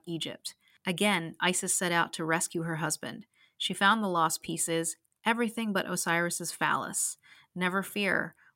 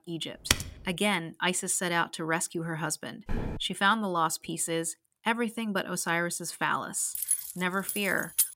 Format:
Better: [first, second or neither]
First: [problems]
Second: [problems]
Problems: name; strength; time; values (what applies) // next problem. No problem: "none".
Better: first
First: none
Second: keyboard typing; loud; at 0.5 s; peak 2 dB above the speech // footsteps; noticeable; at 3.5 s; peak 6 dB below the speech // jangling keys; loud; from 7 s on; peak 3 dB above the speech